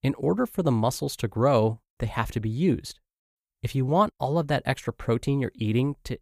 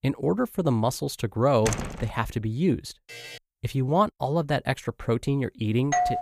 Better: first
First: none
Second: door banging; noticeable; at 1.5 s; peak 4 dB below the speech // alarm; faint; at 3 s; peak 15 dB below the speech // doorbell; very faint; at 6 s; peak 1 dB above the speech

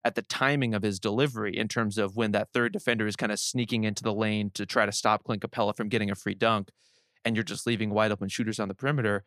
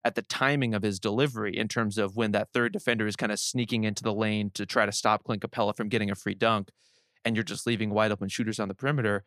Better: neither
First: none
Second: none

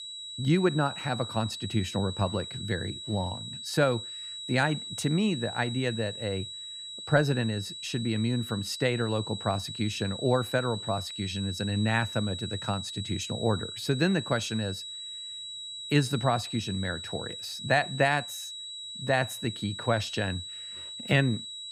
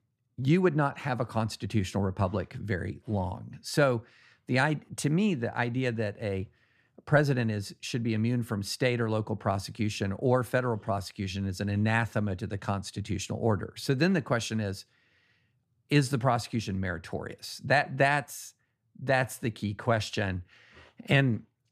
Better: second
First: high-pitched whine; loud; throughout; 4 kHz, 8 dB below the speech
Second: none

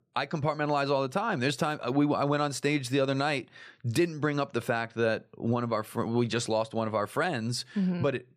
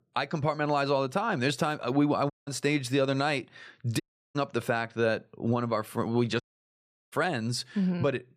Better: first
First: none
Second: audio cutting out; at 2.5 s, at 4 s and at 6.5 s for 0.5 s

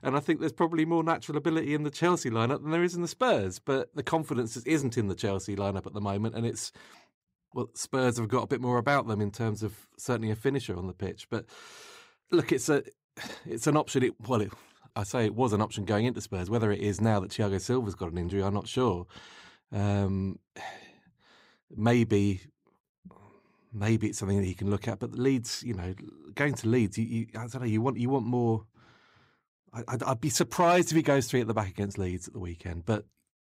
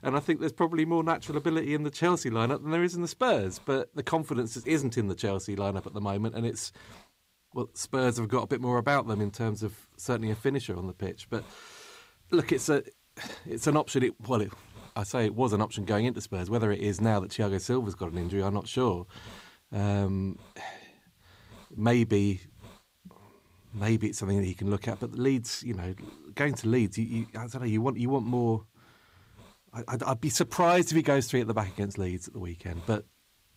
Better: first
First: none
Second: hiss; faint; throughout; 30 dB below the speech

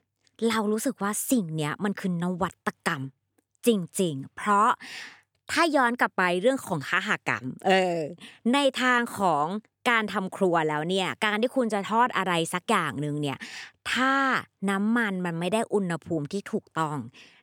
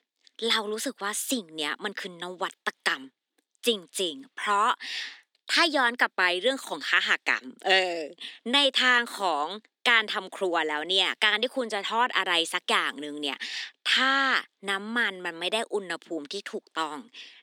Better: first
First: none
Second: thin; somewhat; fading below 250 Hz

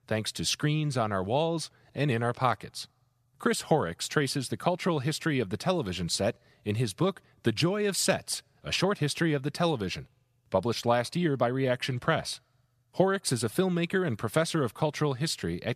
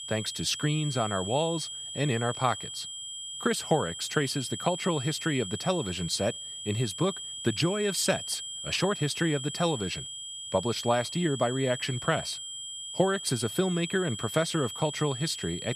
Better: first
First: none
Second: high-pitched whine; loud; throughout; 3 kHz, 7 dB below the speech

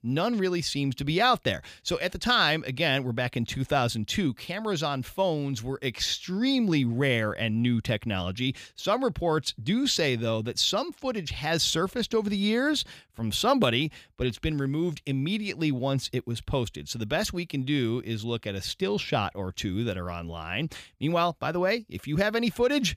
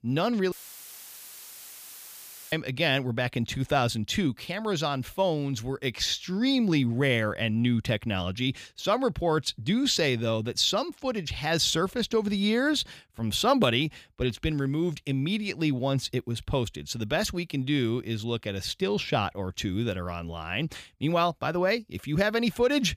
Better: first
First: none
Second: audio cutting out; filled with static; at 0.5 s for 2 s

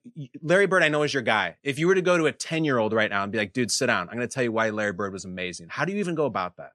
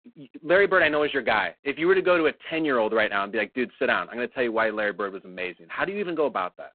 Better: first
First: none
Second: phone-call audio; poor line; nothing above 4 kHz

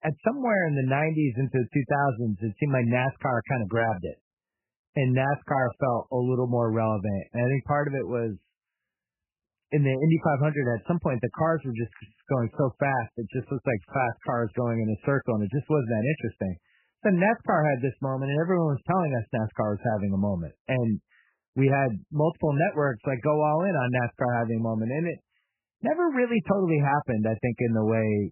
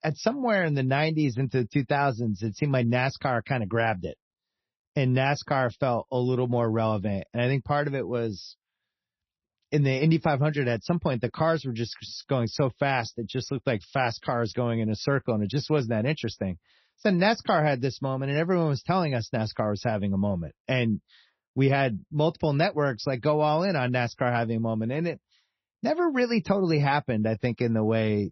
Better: second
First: garbled, watery; badly; nothing above 3 kHz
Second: garbled, watery; slightly; nothing above 6 kHz

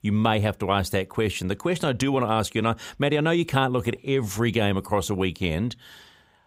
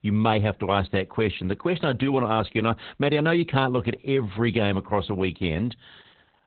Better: first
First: none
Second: garbled, watery; badly; nothing above 4 kHz

